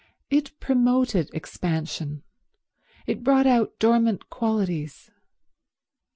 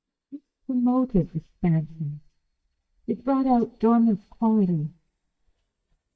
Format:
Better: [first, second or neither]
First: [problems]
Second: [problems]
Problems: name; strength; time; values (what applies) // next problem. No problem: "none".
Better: first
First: none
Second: noise reduction (neural mask model DeepFilterNet 3)